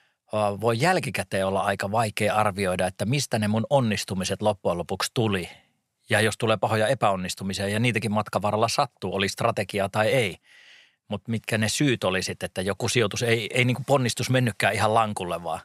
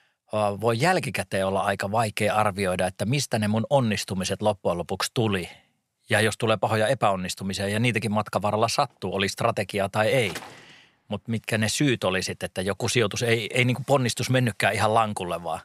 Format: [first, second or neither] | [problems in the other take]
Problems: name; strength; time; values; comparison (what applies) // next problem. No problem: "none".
first | door banging; faint; at 10 s; peak 15 dB below the speech